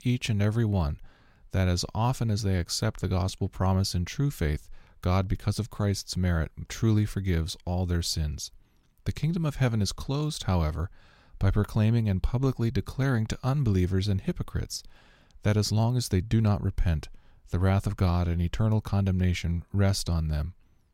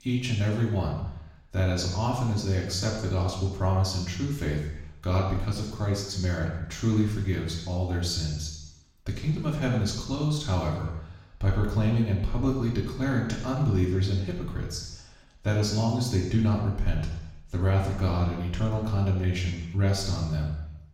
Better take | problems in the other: first | room echo; noticeable; dies away in 0.9 s // off-mic speech; far

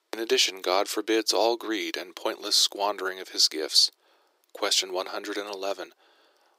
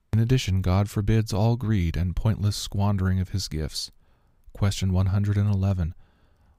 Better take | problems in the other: second | thin; very; fading below 350 Hz

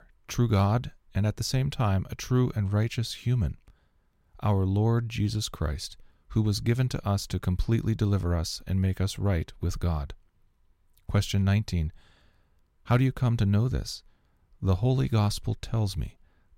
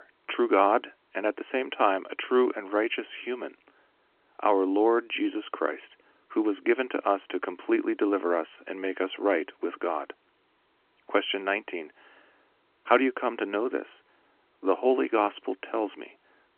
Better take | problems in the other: first | phone-call audio

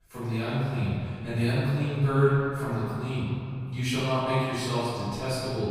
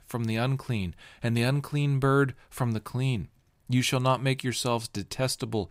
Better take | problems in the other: second | off-mic speech; far // room echo; strong; dies away in 2.2 s

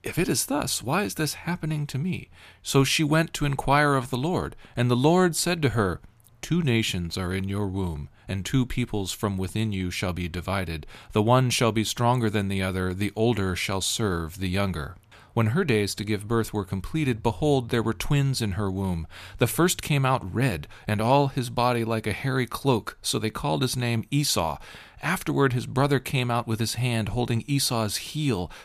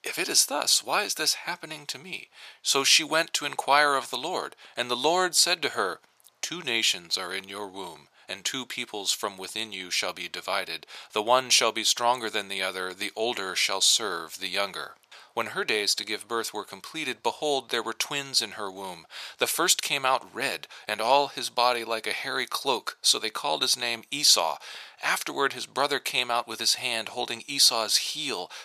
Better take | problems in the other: first | thin; very; fading below 600 Hz

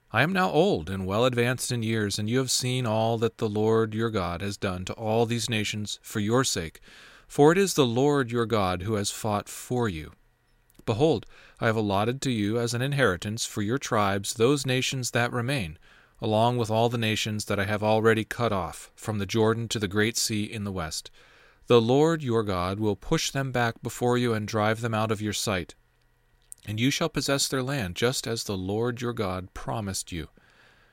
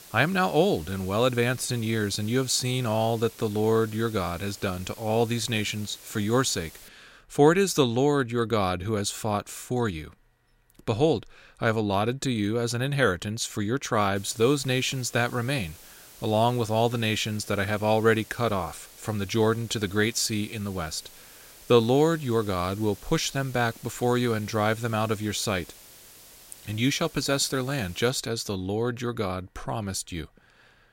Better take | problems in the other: first | hiss; faint; until 7 s and from 14 to 28 s; 20 dB below the speech

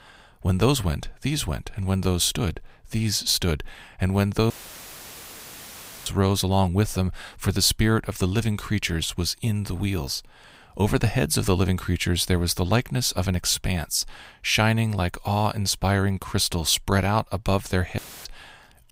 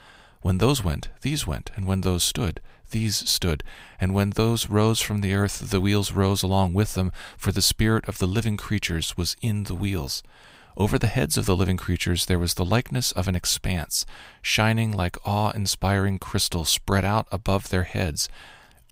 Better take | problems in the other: second | audio cutting out; filled with static; at 4.5 s for 1.5 s and at 18 s

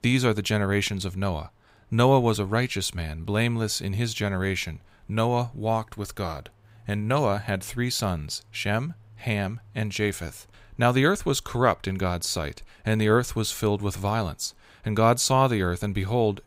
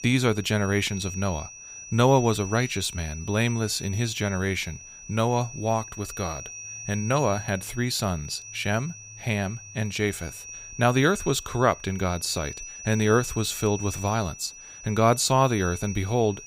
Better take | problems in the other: first | high-pitched whine; noticeable; throughout; 6 kHz, 15 dB below the speech

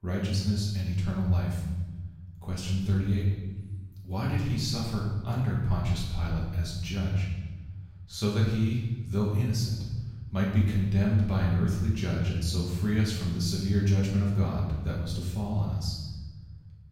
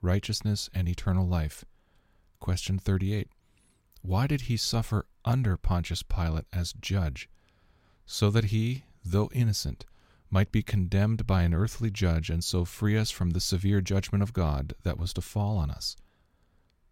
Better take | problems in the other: second | room echo; noticeable; dies away in 1.2 s // off-mic speech; far

